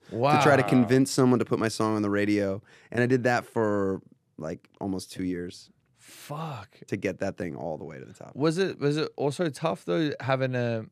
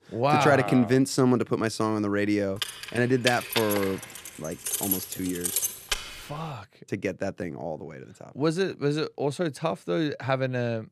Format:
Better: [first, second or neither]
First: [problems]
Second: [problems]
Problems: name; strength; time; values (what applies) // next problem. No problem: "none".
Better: first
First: none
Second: jangling keys; loud; from 2.5 to 6 s; peak level with the speech